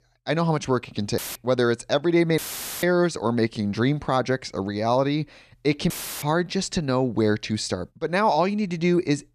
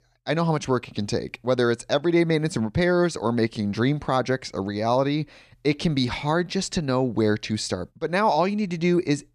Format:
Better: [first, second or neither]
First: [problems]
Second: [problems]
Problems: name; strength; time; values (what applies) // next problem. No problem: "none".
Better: second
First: audio cutting out; filled with static; at 1 s, at 2.5 s and at 6 s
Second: none